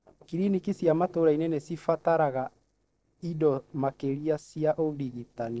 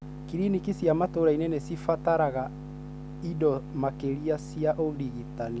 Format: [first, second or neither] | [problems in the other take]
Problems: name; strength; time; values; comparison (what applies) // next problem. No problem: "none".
second | noise reduction (neural separator model SepFormer DNS4)